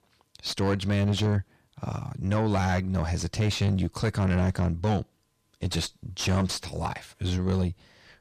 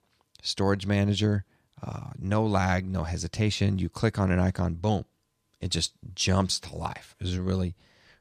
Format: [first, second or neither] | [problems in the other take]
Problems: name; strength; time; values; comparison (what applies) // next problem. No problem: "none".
second | distortion; slight; 10 dB below the speech